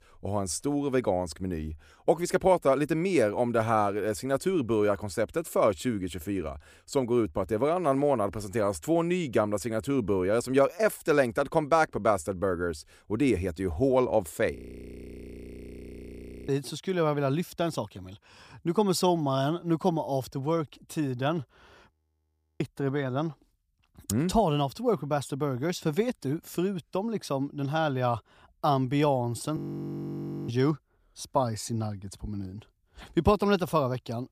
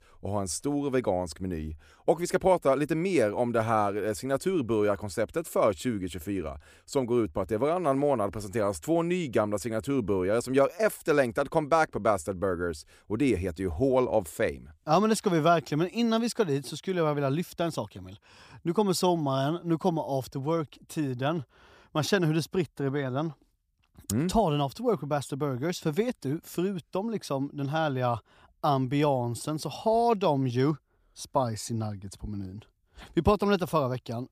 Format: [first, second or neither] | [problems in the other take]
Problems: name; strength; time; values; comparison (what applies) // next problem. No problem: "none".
second | audio freezing; at 15 s for 2 s, at 22 s for 0.5 s and at 30 s for 1 s